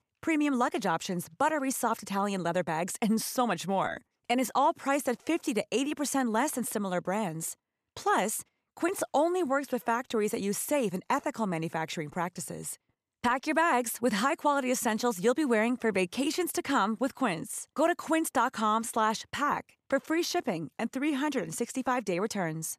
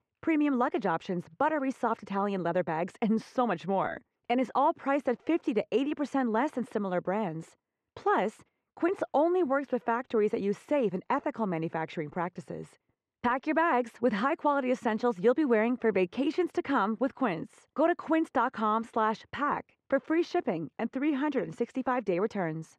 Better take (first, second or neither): first